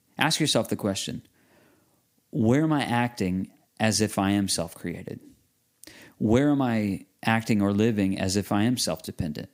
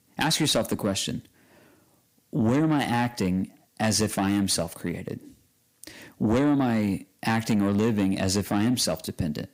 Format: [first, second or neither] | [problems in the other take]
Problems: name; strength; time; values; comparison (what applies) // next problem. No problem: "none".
first | distortion; slight; 10 dB below the speech